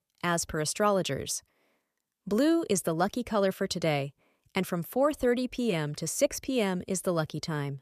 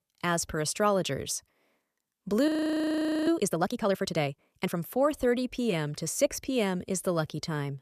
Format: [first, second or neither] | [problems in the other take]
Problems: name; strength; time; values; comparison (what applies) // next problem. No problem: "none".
first | audio freezing; at 2.5 s for 1 s